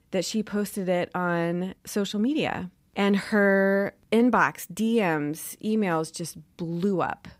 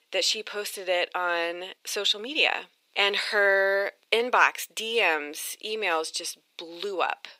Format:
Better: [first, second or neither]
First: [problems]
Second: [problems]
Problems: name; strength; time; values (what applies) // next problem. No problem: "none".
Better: first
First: none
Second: thin; very; fading below 400 Hz